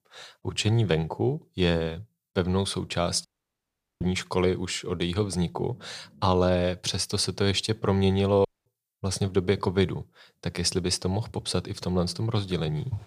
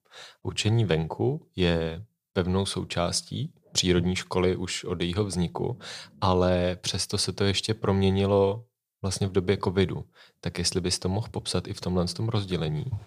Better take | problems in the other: second | audio cutting out; at 3.5 s for 1 s and at 8.5 s

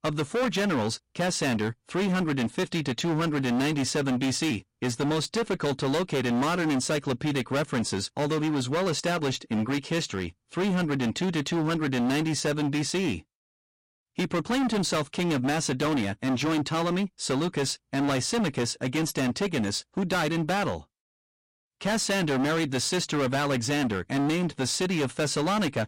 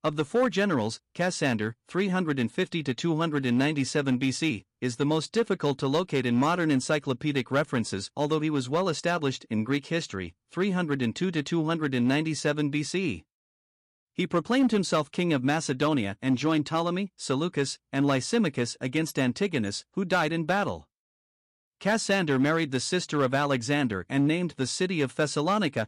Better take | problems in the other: second | distortion; heavy; 27% of the sound clipped

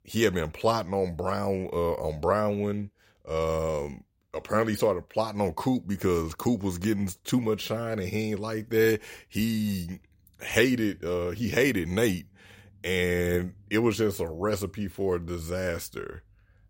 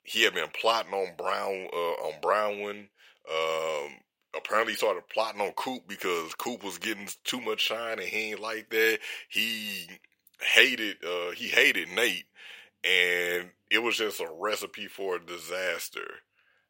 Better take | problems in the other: first | thin; very; fading below 500 Hz

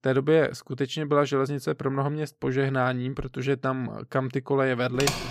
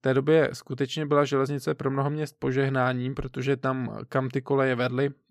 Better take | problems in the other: second | keyboard typing; very faint; at 5 s; peak 2 dB below the speech

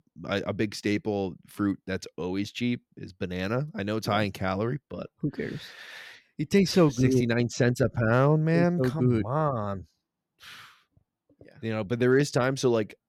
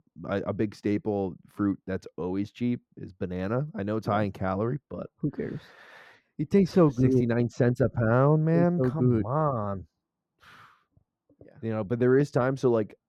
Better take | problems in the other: first | muffled; slightly; fading above 1.5 kHz

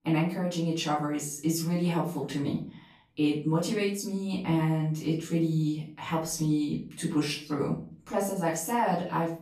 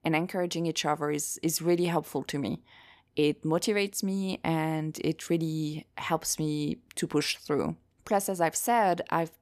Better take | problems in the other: second | room echo; slight; dies away in 0.4 s // off-mic speech; far

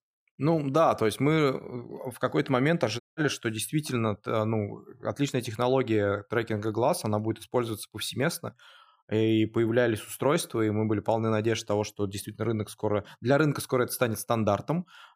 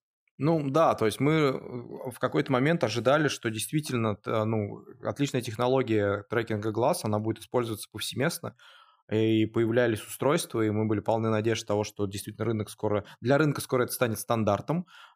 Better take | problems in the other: second | audio cutting out; at 3 s

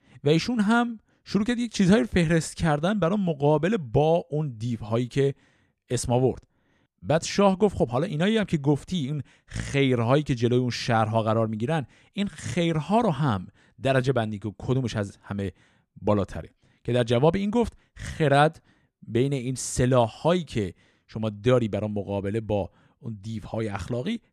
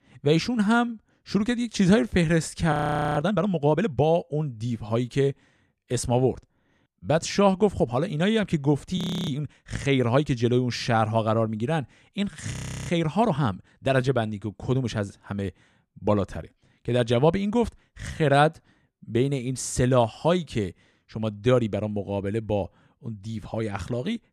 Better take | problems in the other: first | audio freezing; at 2.5 s, at 9 s and at 13 s

